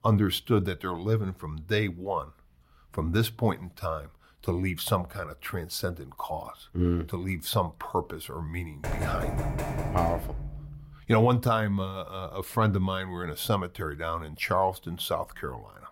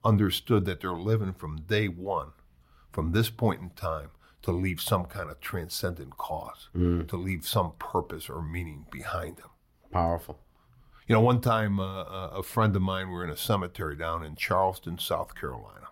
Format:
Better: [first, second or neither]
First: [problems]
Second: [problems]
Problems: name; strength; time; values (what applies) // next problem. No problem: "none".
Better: second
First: door banging; noticeable; from 9 to 11 s; peak 2 dB below the speech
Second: none